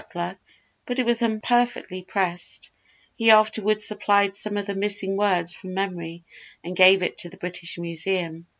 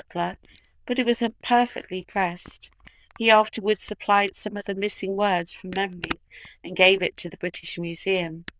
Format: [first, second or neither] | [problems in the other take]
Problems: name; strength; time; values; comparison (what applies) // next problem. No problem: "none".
first | noise reduction (neural diffusion model UNIVERSE++)